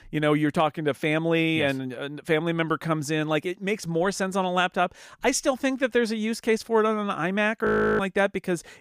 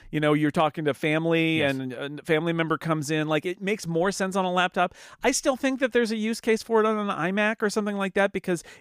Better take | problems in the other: second | audio freezing; at 7.5 s

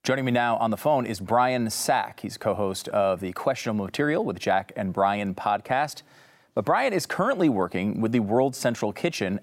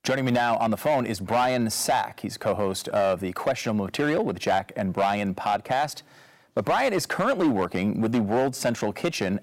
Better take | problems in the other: first | distortion; slight; 7% of the sound clipped

